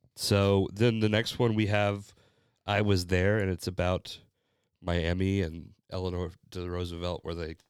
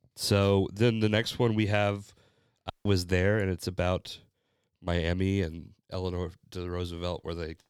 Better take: first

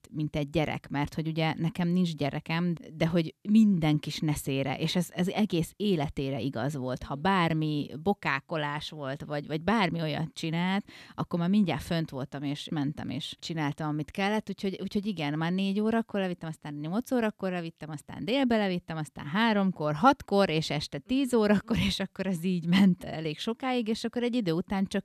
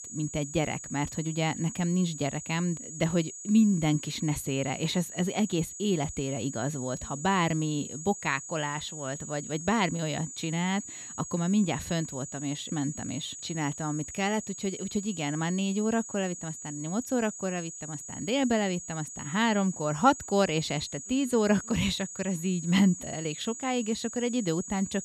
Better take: first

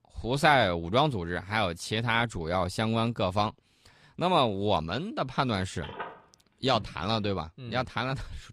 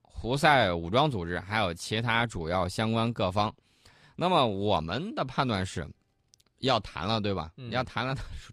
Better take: second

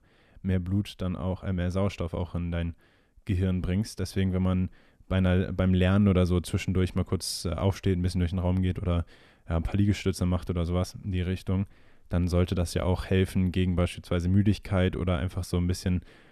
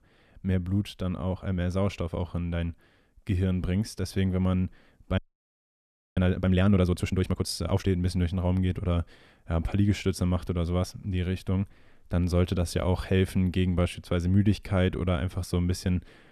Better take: first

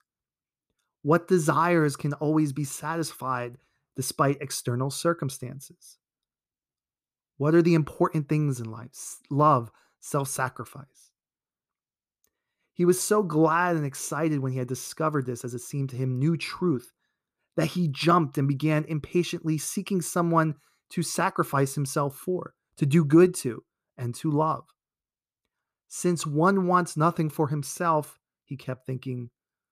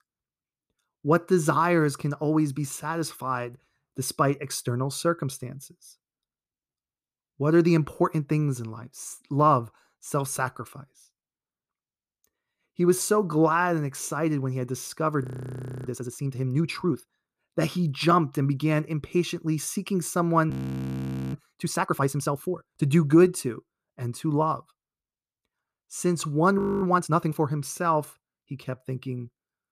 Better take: first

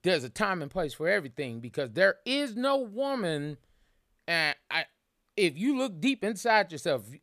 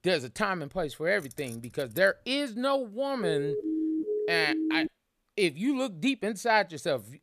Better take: first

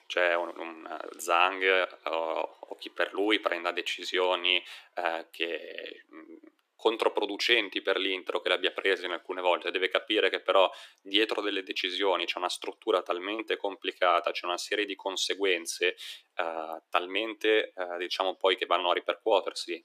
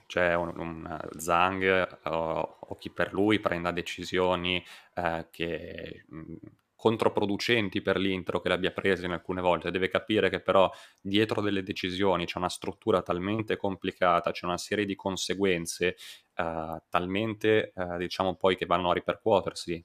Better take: second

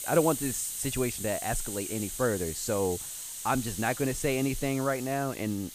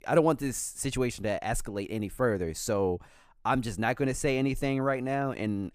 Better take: second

